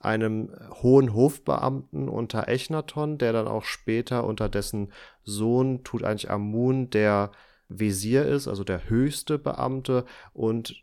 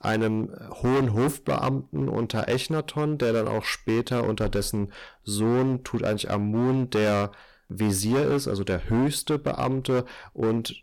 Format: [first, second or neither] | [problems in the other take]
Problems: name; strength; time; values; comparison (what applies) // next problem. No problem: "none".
first | distortion; heavy; 13% of the sound clipped